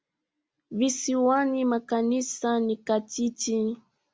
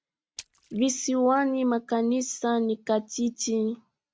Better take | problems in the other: first | noise reduction (neural mask model RNNoise)

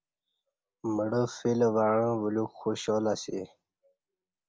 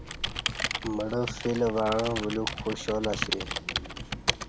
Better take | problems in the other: first | background sound (Computer keyboard); 3 dB below the speech

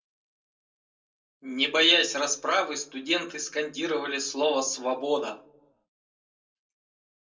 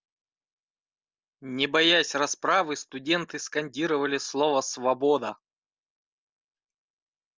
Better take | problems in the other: second | room echo; dies away in 0.2 s

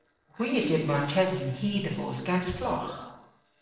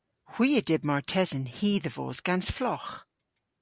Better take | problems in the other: second | noise reduction (neural separator model SepFormer DNS4)

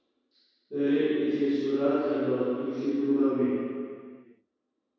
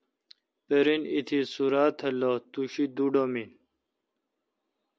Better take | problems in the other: second | room echo; dies away in 2 s

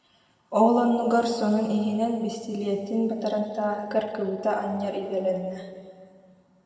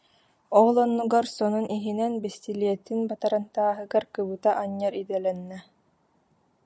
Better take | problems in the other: second | room echo; dies away in 1.9 s

